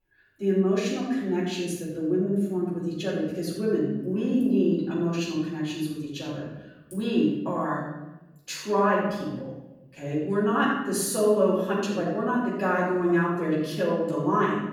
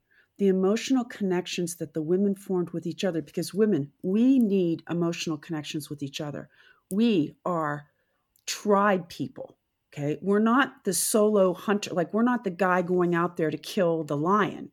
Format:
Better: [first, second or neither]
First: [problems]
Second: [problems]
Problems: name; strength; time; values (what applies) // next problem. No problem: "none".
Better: second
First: off-mic speech; far // room echo; noticeable; dies away in 1 s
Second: none